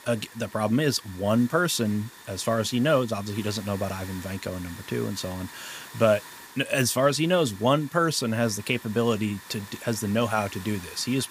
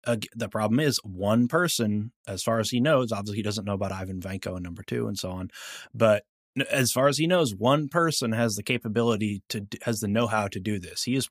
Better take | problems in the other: second | hiss; noticeable; throughout; 15 dB below the speech

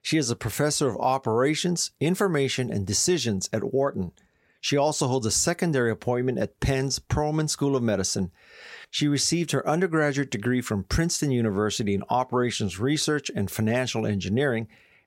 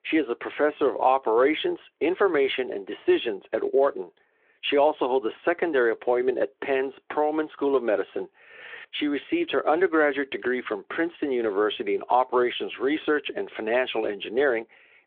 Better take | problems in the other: first | phone-call audio; nothing above 3.5 kHz

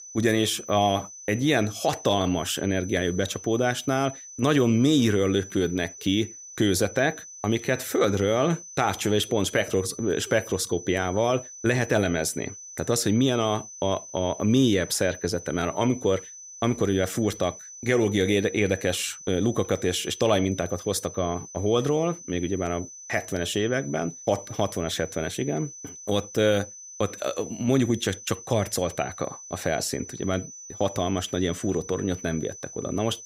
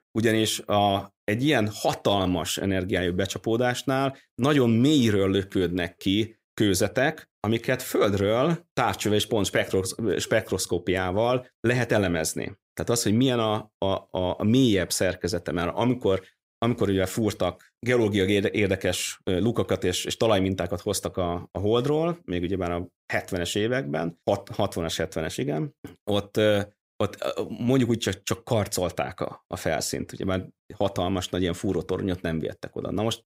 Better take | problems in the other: second | high-pitched whine; noticeable; throughout; 6 kHz, 15 dB below the speech

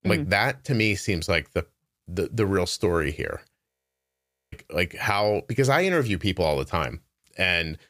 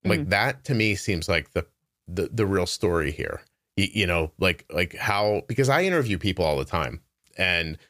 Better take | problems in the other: second | audio freezing; at 3.5 s for 1 s

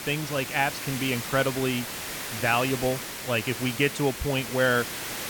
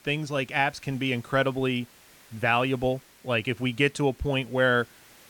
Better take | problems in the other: second | hiss; loud; throughout; 6 dB below the speech; faint in the second

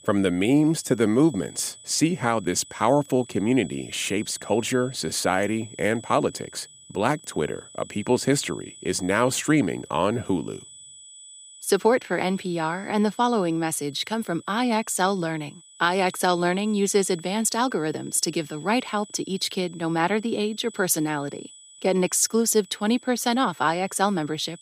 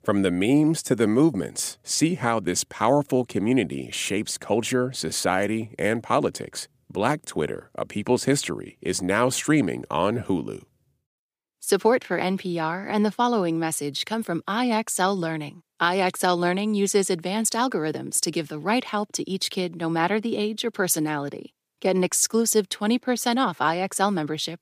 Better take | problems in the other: second | high-pitched whine; faint; throughout; 8 kHz, 20 dB below the speech

